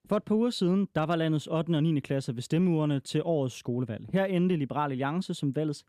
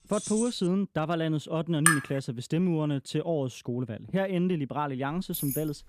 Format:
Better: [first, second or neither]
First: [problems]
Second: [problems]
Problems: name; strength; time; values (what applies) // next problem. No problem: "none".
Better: first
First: none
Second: jangling keys; noticeable; at the start and at 5 s; peak 5 dB below the speech // clattering dishes; loud; at 2 s; peak 5 dB above the speech